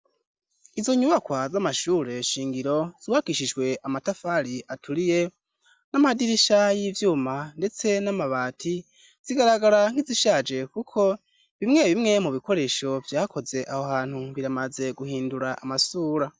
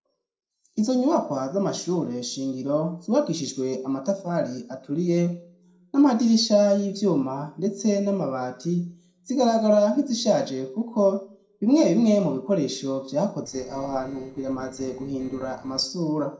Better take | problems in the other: first | noise reduction (neural separator model SepFormer DNS4)

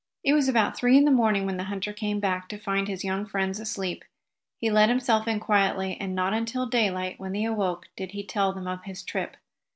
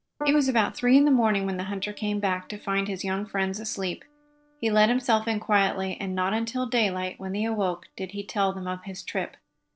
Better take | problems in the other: first | noise reduction (neural separator model SepFormer DNS4)

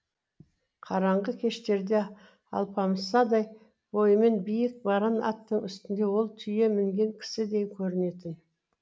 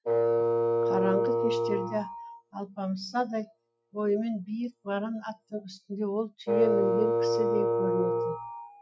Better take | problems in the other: first | noise reduction (classical method Wiener filter)

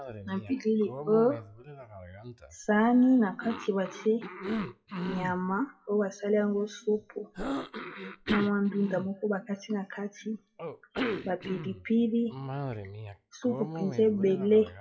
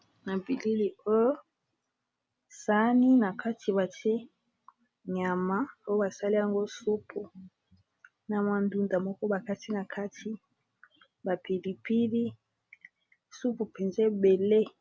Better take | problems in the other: second | noise reduction (classical method WPE with log-MMSE)

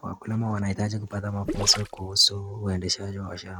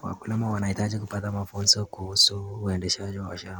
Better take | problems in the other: second | noise reduction (neural mask model RNNoise)

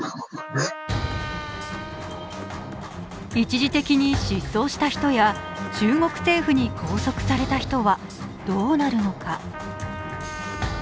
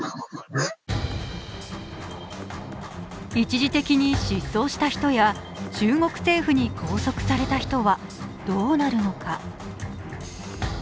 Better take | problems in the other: second | background sound (Trumpet); 14 dB below the speech

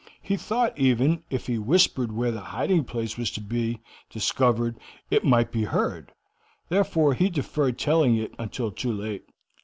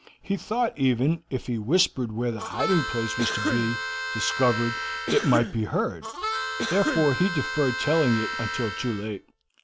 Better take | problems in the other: first | background sound (Harmonica + Cough); 4 dB below the speech

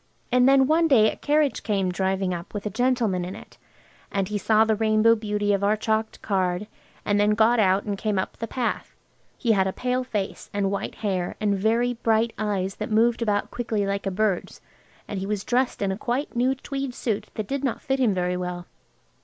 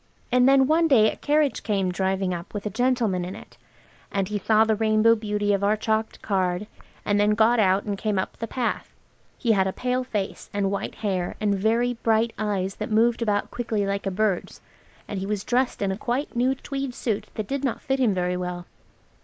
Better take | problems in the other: first | noise reduction (neural mask model Resemble Enhance denoiser)

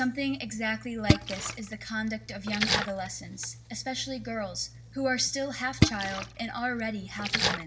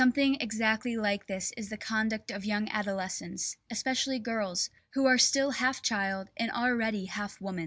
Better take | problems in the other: second | background sound (Splash, splatter); as loud as the speech // room echo; dies away in 0.4 s

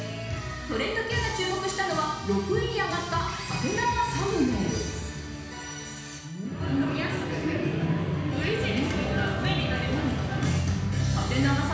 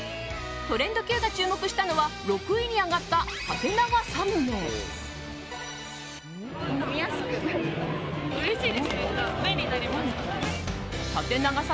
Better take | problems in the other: second | room echo; dies away in 1.1 s

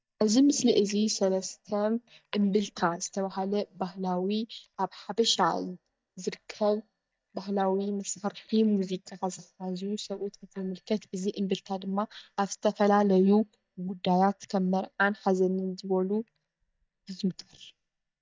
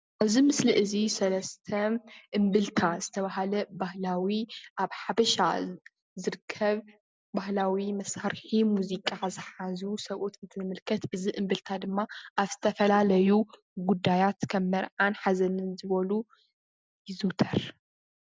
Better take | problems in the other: second | noise reduction (neural mask model DeepFilterNet 3)

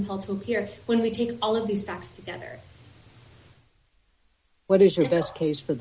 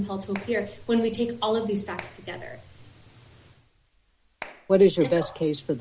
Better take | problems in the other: first | background sound (Clapping); 19 dB below the speech

